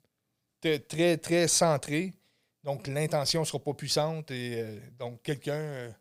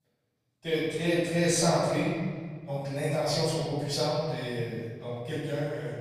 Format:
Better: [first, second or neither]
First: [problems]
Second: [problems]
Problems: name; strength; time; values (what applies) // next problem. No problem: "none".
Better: first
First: none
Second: room echo; strong; dies away in 1.7 s // off-mic speech; far